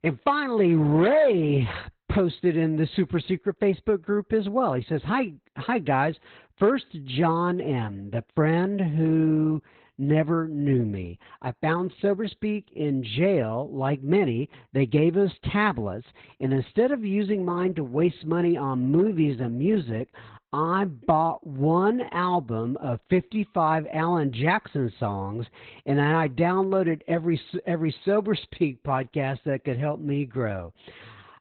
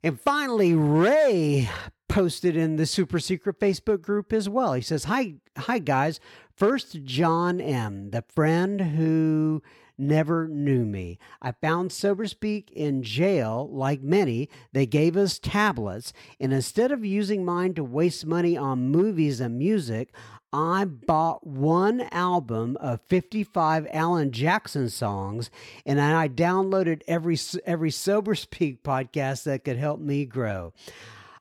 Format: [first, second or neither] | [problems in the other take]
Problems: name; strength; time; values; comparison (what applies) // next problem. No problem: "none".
second | garbled, watery; badly; nothing above 4 kHz